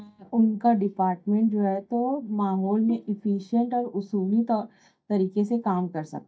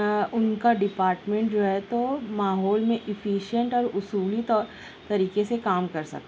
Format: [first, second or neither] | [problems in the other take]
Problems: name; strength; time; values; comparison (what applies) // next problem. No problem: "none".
second | noise reduction (neural mask model DeepFilterNet 3)